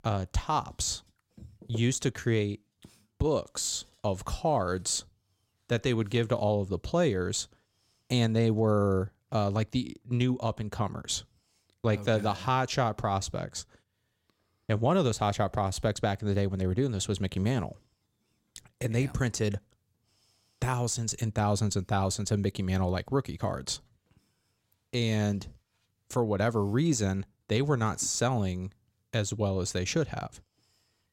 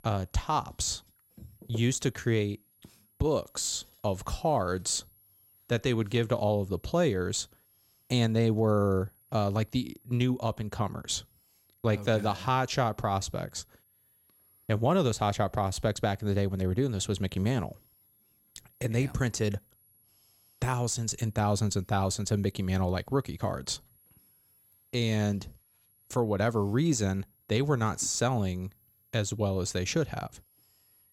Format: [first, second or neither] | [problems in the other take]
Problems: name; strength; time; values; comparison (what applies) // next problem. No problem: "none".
first | high-pitched whine; faint; throughout; 11.5 kHz, 30 dB below the speech